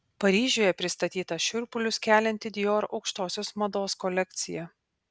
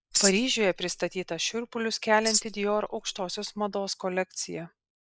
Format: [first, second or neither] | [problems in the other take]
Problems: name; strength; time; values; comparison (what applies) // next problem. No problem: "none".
first | noise reduction (neural mask model Resemble Enhance denoiser)